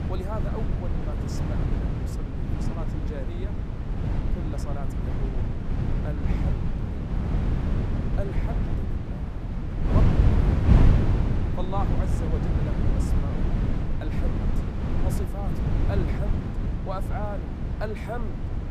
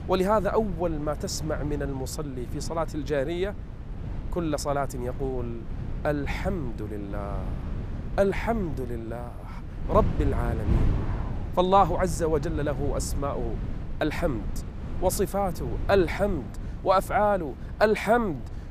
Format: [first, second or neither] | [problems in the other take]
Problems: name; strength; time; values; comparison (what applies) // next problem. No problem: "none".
second | wind noise on the microphone; heavy; 2 dB above the speech; occasional gusts in the second